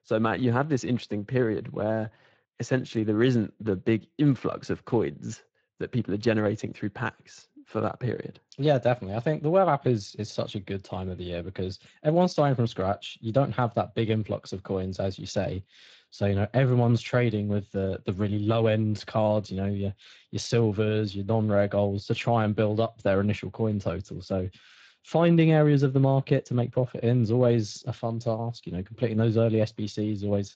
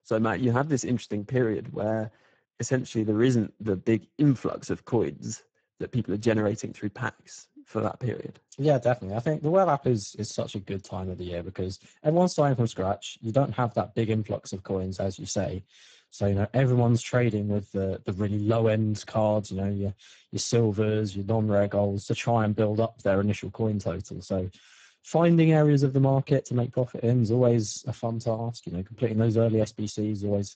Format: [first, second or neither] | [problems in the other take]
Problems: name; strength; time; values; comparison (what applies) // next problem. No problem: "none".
first | garbled, watery; badly; nothing above 7.5 kHz; slightly in the first